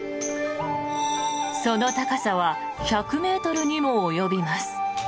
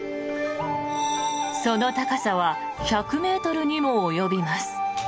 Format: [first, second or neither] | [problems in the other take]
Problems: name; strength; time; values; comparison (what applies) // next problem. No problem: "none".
second | background sound (Tambourine); 18 dB below the speech